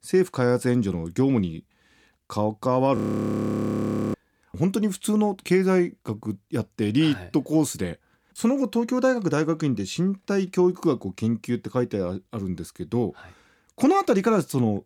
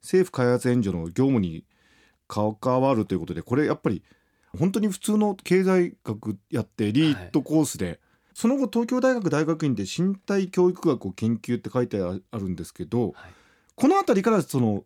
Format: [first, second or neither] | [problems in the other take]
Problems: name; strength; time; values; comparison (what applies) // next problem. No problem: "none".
second | audio freezing; at 3 s for 1 s